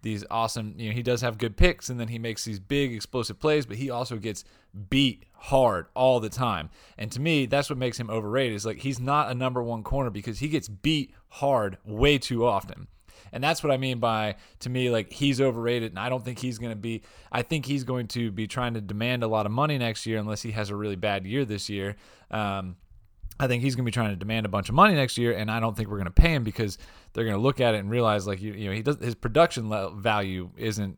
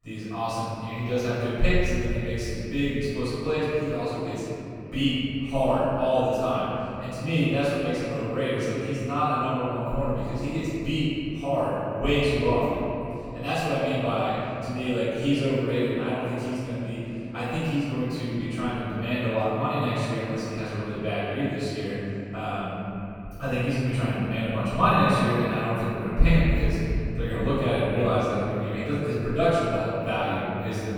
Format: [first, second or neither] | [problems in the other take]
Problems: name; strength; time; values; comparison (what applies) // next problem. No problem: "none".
first | off-mic speech; far // room echo; strong; dies away in 3 s